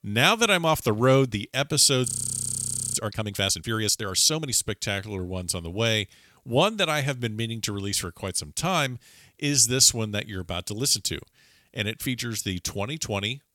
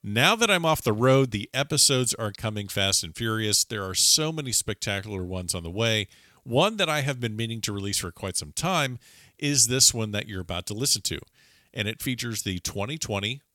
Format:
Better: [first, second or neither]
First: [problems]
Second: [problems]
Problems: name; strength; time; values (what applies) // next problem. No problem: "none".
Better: second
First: audio freezing; at 2 s for 1 s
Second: none